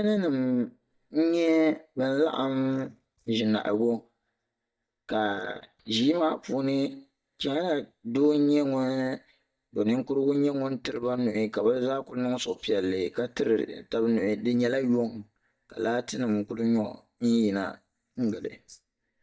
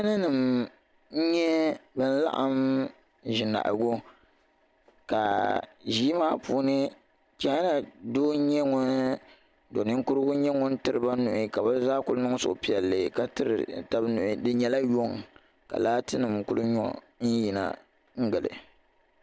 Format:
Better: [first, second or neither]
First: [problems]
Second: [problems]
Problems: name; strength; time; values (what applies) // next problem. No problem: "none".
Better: second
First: noise reduction (neural mask model DeepFilterNet 3)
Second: none